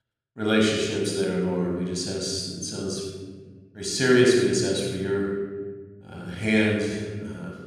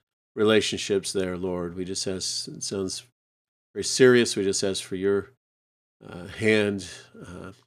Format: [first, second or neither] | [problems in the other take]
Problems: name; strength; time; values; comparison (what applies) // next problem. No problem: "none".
second | off-mic speech; somewhat distant // room echo; noticeable; dies away in 1.6 s